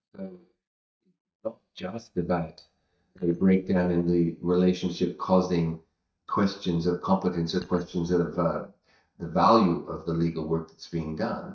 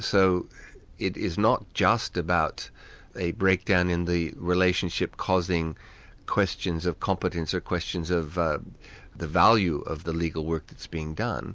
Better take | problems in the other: second | noise reduction (neural mask model DeepFilterNet 3)

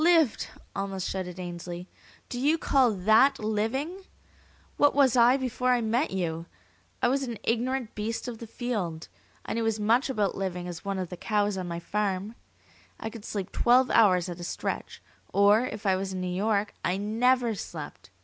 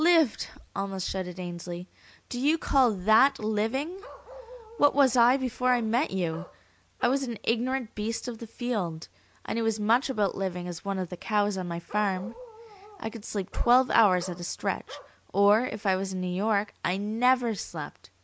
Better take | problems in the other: first | background sound (Bark); 19 dB below the speech

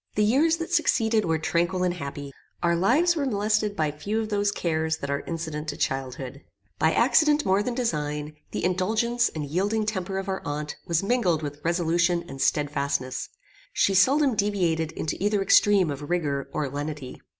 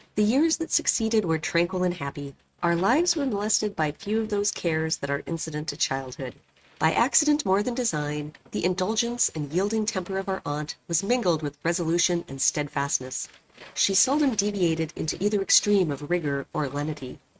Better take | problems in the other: first | noise reduction (neural mask model RNNoise)

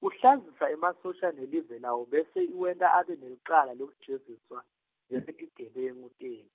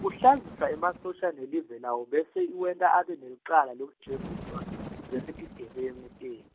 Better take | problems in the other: first | background sound (Bird); 16 dB below the speech

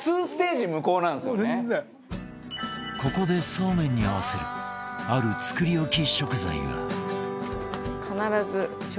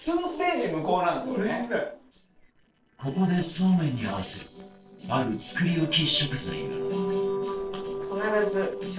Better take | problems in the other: first | noise reduction (neural separator model SepFormer DNS4)

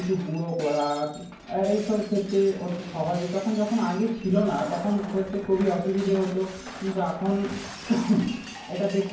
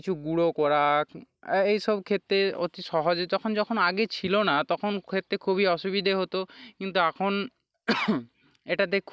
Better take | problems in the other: second | background sound (Shatter); 16 dB below the speech // room echo; dies away in 0.9 s

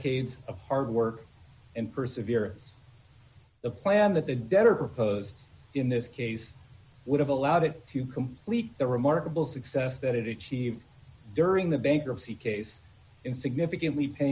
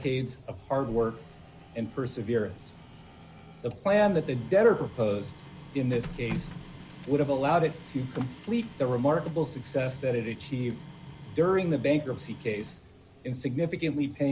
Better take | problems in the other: first | background sound (Printer); 16 dB below the speech

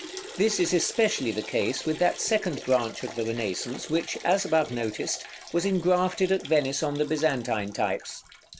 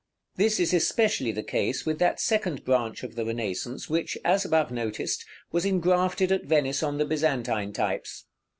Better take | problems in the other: second | background sound (Liquid); 15 dB below the speech

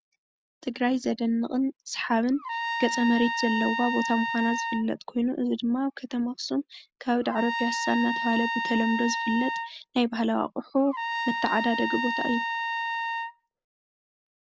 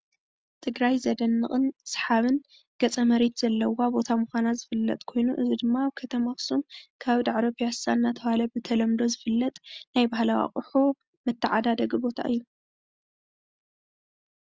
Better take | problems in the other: second | background sound (Trumpet); 3 dB below the speech

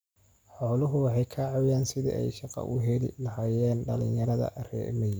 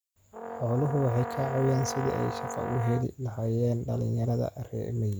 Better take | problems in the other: first | background sound (Brass instrument); 7 dB below the speech

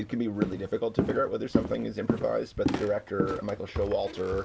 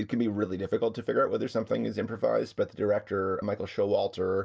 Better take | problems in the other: second | background sound (Walk, footsteps); 3 dB below the speech

